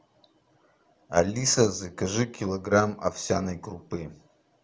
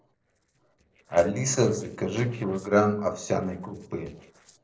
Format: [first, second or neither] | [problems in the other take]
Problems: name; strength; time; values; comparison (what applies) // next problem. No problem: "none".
first | noise reduction (neural separator model SepFormer DNS4)